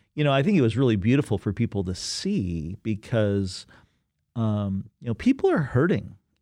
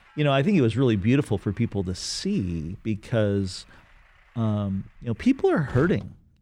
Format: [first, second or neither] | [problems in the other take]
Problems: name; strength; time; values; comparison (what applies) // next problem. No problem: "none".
first | traffic noise; faint; throughout; 25 dB below the speech